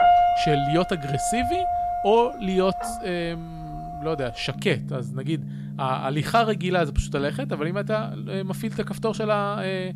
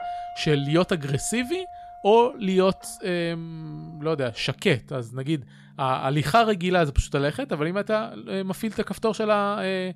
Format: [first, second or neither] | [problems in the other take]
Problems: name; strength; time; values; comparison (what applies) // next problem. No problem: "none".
second | background music; loud; throughout; 3 dB below the speech; faint in the second